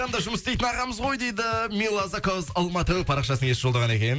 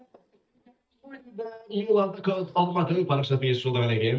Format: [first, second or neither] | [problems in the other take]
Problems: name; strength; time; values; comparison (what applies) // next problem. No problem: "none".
first | noise reduction (neural mask model DeepFilterNet 3)